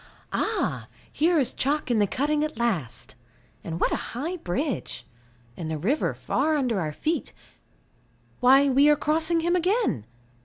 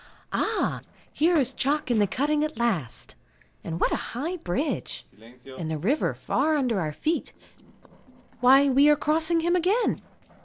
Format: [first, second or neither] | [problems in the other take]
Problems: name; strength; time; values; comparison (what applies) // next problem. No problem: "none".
first | noise reduction (neural separator model SepFormer DNS4)